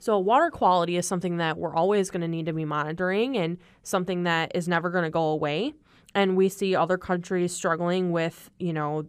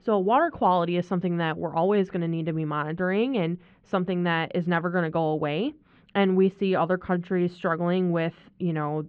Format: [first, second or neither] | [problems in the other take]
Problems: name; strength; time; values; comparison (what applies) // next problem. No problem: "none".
first | muffled; very; fading above 3.5 kHz